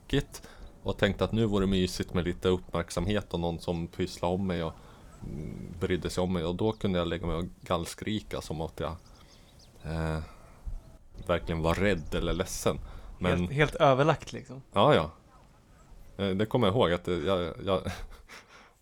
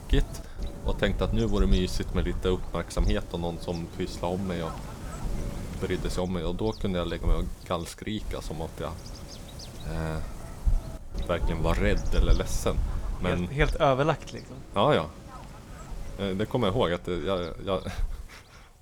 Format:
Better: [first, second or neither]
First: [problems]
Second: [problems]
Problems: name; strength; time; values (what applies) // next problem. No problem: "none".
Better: first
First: animal sounds; faint; throughout; 20 dB below the speech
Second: animal sounds; loud; throughout; 7 dB below the speech